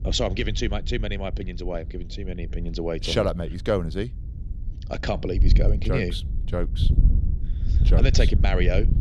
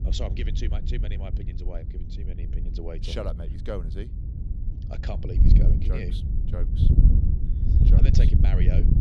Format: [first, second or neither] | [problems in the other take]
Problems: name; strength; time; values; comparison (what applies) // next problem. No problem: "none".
first | wind noise on the microphone; heavy; 1 dB below the speech; occasional gusts in the first